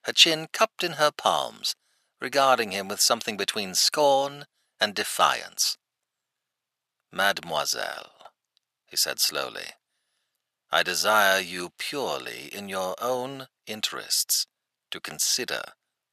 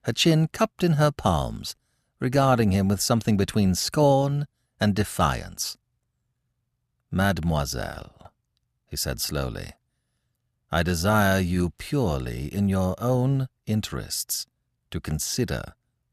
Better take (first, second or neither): second